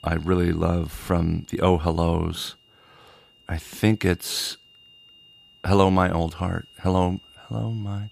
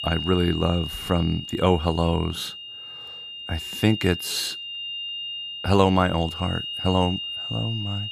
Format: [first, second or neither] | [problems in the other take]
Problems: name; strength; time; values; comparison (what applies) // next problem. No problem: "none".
first | high-pitched whine; loud; throughout; 3 kHz, 7 dB below the speech; faint in the first